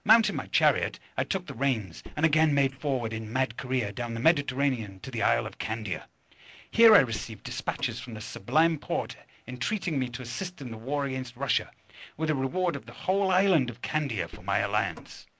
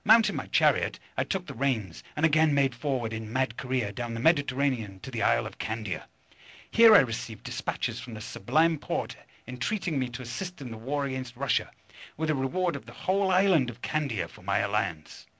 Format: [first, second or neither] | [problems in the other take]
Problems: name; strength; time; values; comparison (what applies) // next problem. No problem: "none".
second | noise reduction (neural mask model Resemble Enhance denoiser)